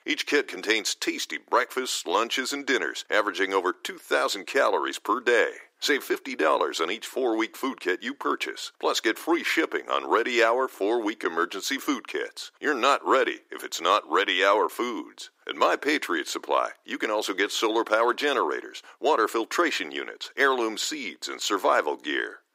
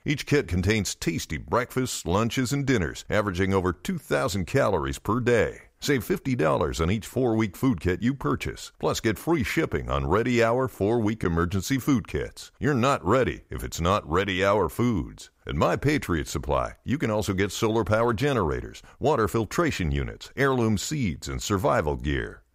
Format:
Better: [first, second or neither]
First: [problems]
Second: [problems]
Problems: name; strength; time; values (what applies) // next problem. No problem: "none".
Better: second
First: thin; somewhat; fading below 300 Hz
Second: none